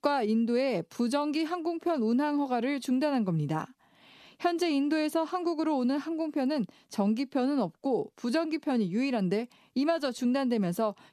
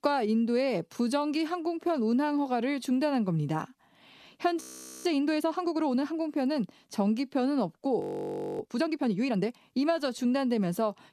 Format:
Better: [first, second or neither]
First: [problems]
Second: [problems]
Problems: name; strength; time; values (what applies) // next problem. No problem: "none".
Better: first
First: none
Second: audio freezing; at 4.5 s and at 8 s for 0.5 s